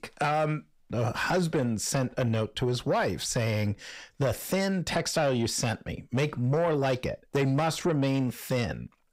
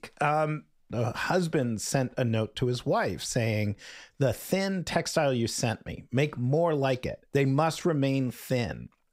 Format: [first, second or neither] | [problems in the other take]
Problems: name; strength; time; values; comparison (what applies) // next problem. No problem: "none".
second | distortion; slight; 10 dB below the speech